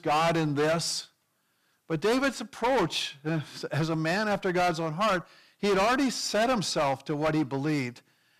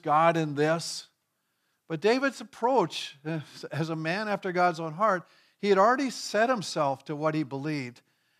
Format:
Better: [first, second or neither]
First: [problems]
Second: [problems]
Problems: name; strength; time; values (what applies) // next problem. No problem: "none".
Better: second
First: distortion; heavy; 14% of the sound clipped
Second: none